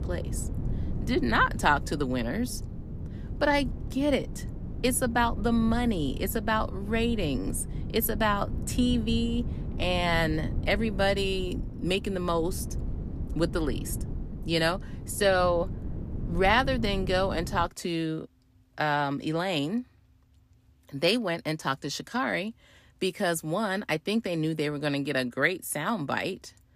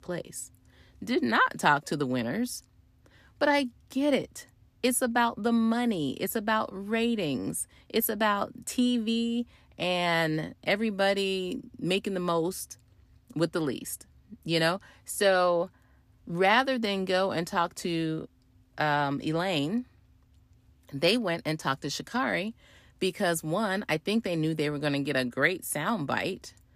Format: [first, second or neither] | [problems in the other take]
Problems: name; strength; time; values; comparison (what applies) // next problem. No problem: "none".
second | wind noise on the microphone; occasional gusts; until 18 s; 20 dB below the speech